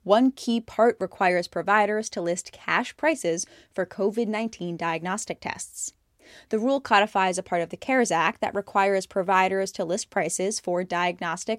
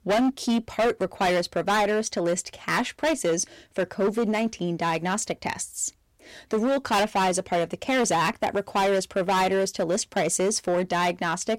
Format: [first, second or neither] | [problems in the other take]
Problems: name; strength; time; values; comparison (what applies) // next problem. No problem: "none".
first | distortion; heavy; 14% of the sound clipped